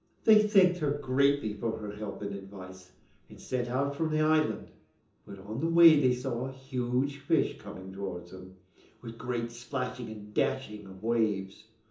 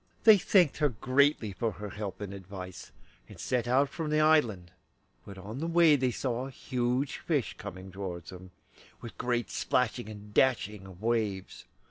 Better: second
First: room echo; dies away in 0.6 s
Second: none

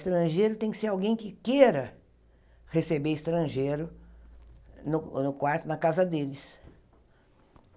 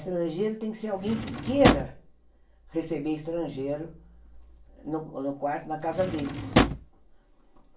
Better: first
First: none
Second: background sound (Drawer open or close); 4 dB above the speech // room echo; dies away in 0.3 s

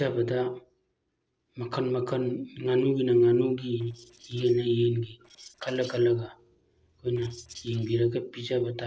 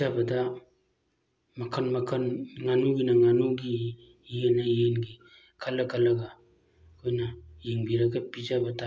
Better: second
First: noise reduction (neural separator model SepFormer DNS4)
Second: none

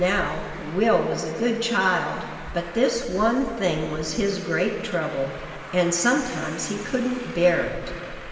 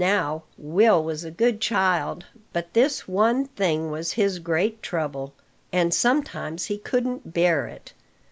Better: second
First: background sound (Traffic noise, roadway noise); 14 dB below the speech // room echo; dies away in 2.3 s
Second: none

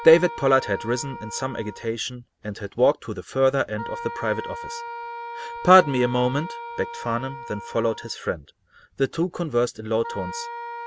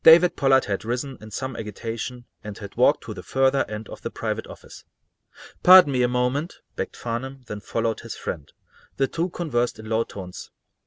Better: second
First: background sound (Wind instrument, woodwind instrument); 13 dB below the speech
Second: none

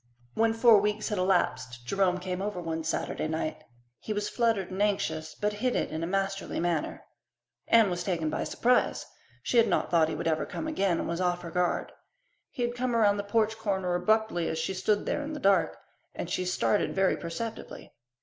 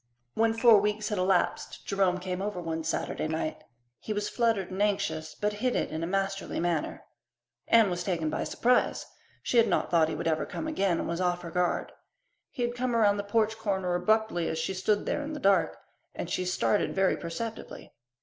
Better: first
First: none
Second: noise reduction (neural separator model SepFormer DNS4)

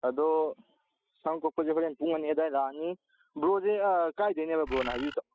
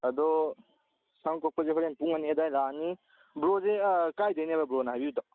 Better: second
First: noise reduction (classical method spectral subtraction)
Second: none

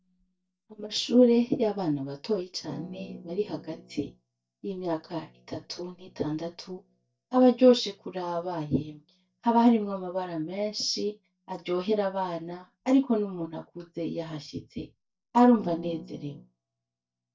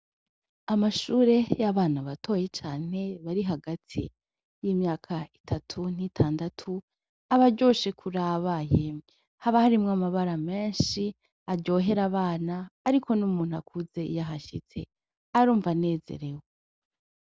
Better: second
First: noise reduction (neural mask model DeepFilterNet 3)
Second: none

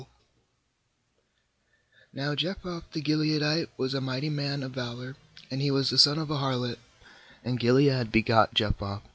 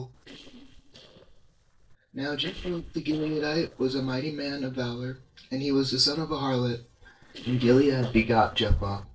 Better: first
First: none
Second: noise reduction (neural separator model SepFormer DNS4)

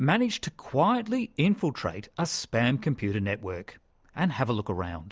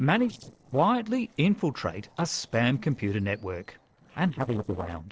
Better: first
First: none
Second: noise reduction (neural separator model SepFormer DNS4)

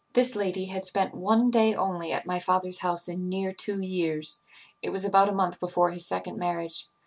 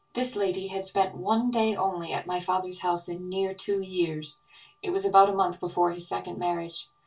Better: first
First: none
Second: room echo; dies away in 0.1 s

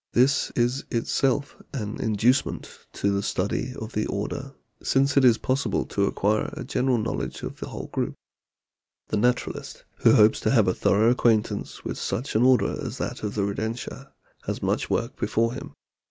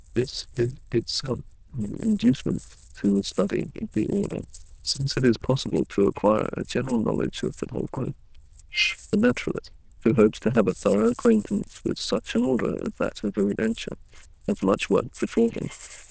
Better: first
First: none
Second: noise reduction (neural diffusion model UNIVERSE++)

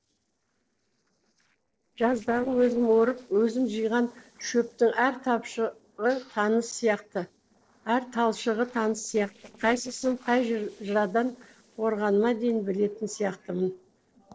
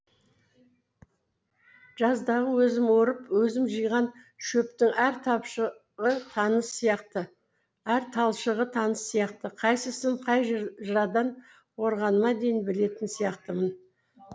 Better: second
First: noise reduction (neural separator model SepFormer DNS4)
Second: none

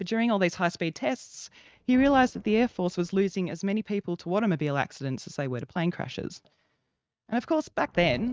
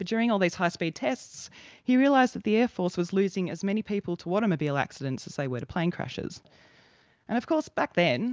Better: second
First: noise reduction (neural mask model RNNoise)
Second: none

